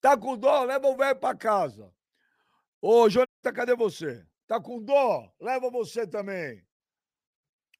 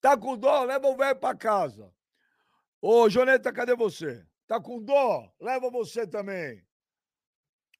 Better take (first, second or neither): second